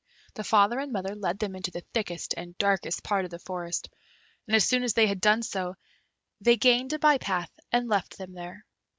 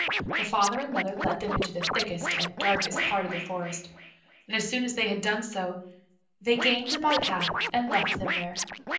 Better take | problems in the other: first | background sound (Scratching (performance technique)); 2 dB below the speech // room echo; dies away in 0.6 s

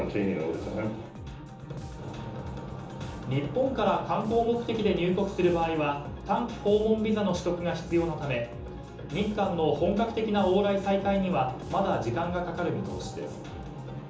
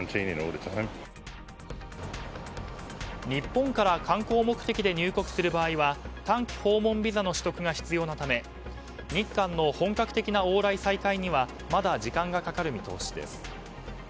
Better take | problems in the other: second | background sound (Bass guitar); 15 dB below the speech // room echo; dies away in 1.2 s

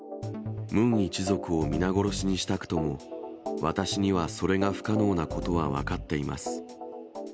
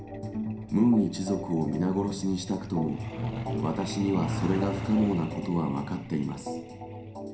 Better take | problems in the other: first | background sound (Truck); 9 dB below the speech // room echo; dies away in 0.5 s

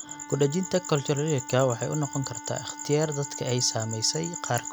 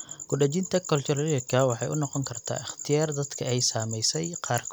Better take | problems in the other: second | background sound (Wind instrument, woodwind instrument); 16 dB below the speech

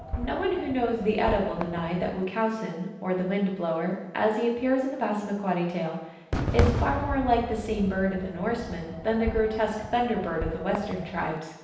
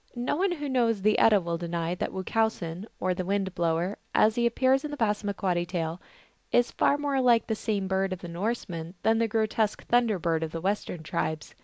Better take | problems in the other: second | background sound (Fireworks); 7 dB below the speech // room echo; dies away in 0.9 s

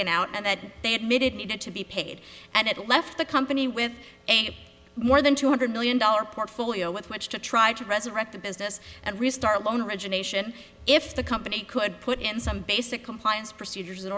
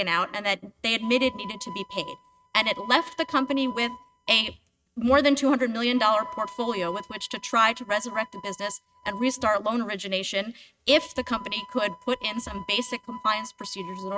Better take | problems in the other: first | noise reduction (neural mask model RNNoise)

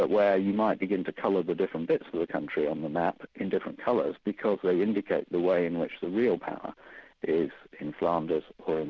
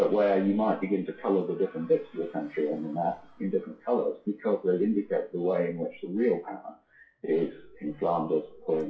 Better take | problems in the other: first | noise reduction (classical method WPE with log-MMSE)

